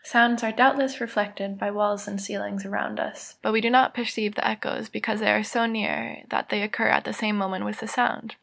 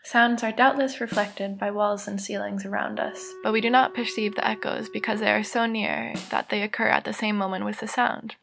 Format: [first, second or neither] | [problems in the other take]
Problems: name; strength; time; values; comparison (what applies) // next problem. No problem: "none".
first | background sound (Wind instrument, woodwind instrument + Snare drum); 17 dB below the speech